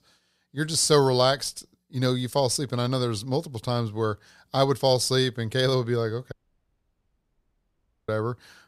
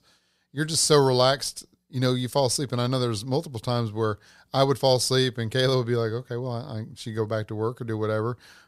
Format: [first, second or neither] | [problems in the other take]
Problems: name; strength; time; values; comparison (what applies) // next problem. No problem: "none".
second | audio cutting out; at 6.5 s for 2 s